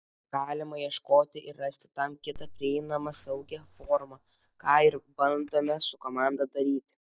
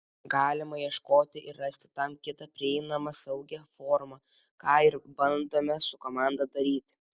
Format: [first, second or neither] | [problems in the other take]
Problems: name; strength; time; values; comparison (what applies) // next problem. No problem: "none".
second | noise reduction (neural mask model DeepFilterNet 3)